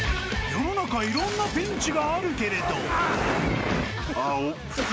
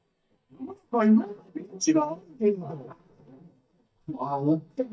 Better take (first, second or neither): first